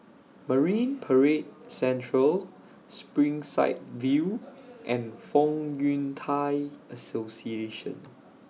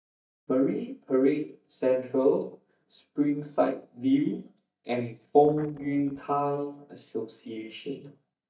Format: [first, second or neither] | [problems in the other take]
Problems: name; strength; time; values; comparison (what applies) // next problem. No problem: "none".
first | noise reduction (neural mask model DeepFilterNet 3)